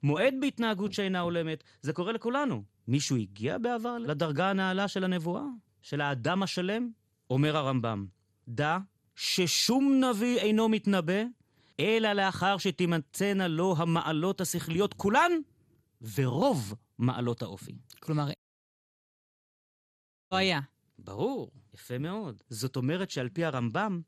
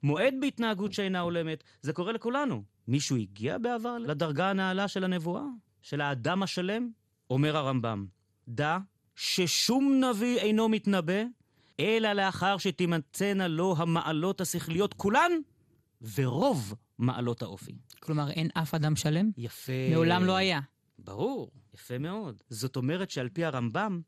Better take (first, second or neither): second